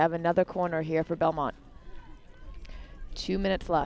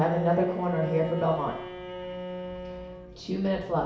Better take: first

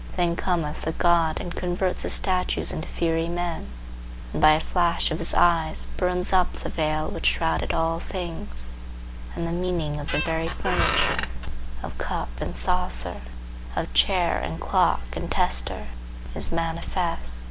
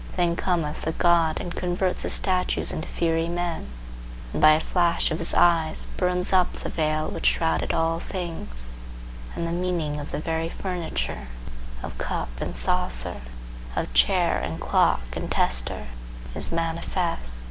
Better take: second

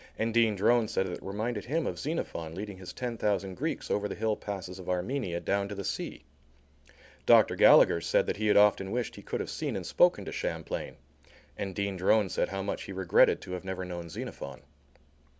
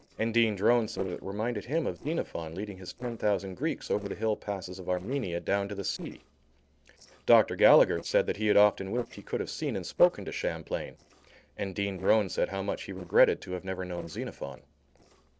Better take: first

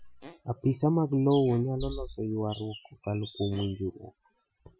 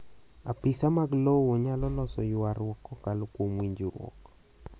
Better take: second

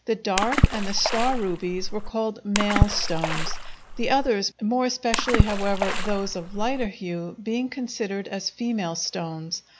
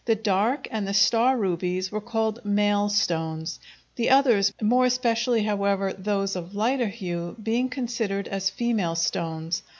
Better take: second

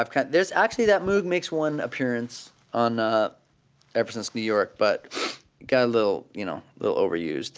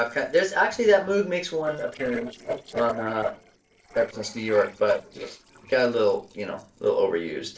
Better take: first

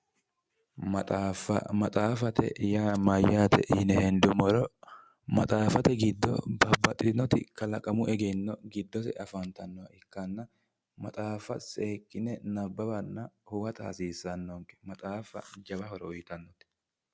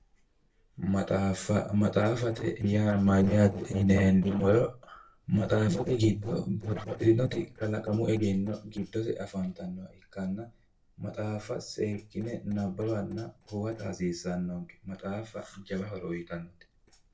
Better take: first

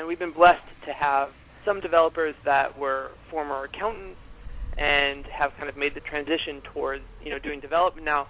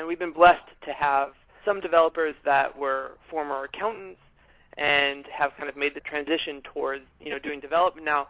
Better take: second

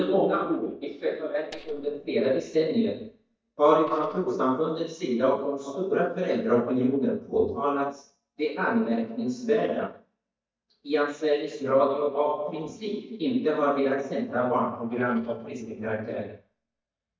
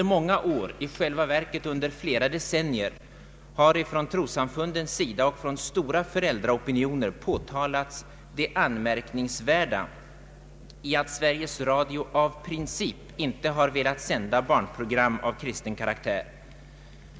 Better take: second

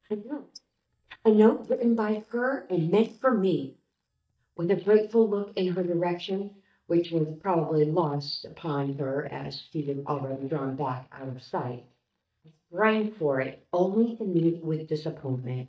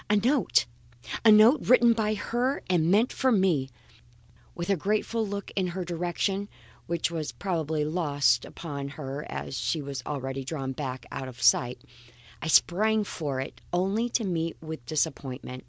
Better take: second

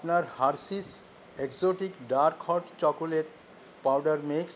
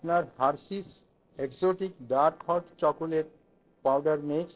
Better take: first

